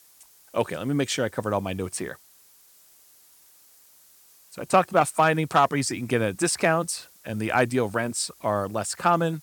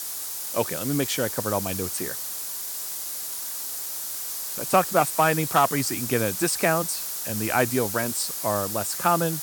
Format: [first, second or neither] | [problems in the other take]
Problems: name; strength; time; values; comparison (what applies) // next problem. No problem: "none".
first | hiss; loud; throughout; 4 dB below the speech; faint in the first